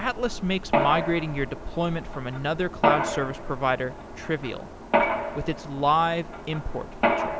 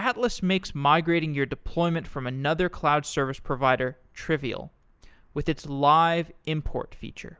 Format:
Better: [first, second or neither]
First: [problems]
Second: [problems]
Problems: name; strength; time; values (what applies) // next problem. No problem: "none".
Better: second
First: background sound (Mechanisms); 1 dB below the speech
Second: none